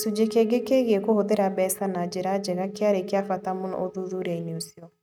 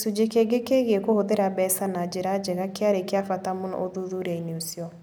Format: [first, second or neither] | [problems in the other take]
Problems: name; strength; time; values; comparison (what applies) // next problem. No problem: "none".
second | noise reduction (neural mask model RNNoise)